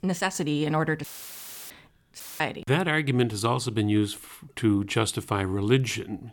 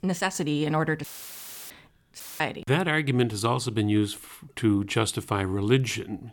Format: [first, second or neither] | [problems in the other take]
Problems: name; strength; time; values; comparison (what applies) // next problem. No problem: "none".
neither | audio cutting out; filled with static; at 1 s for 0.5 s and at 2 s; the same in both